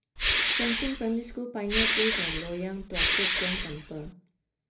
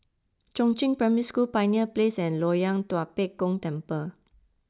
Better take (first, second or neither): second